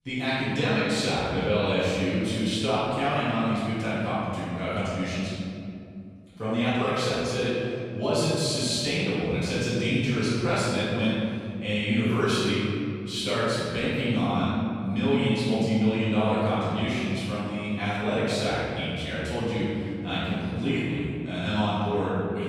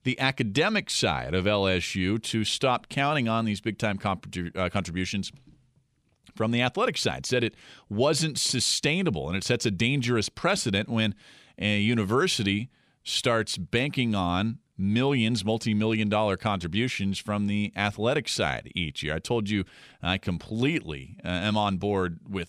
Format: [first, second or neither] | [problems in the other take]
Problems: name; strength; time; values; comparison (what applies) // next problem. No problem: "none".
second | room echo; strong; dies away in 2.3 s // off-mic speech; far